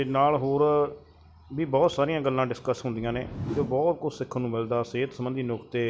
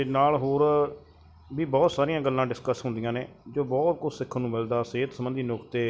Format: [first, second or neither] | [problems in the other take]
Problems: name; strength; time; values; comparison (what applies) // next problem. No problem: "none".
second | background sound (Whoosh, swoosh, swish); 13 dB below the speech